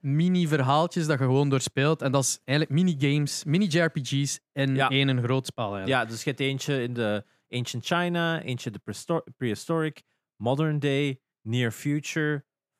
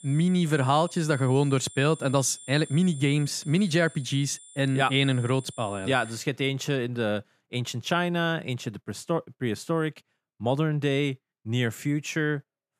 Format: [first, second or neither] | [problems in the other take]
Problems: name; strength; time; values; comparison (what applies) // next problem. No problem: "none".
first | high-pitched whine; noticeable; until 6 s; 9 kHz, 20 dB below the speech